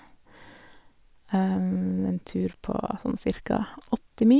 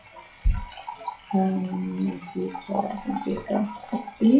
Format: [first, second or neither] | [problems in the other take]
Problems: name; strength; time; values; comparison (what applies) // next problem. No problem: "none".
first | noise reduction (classical method WPE with log-MMSE)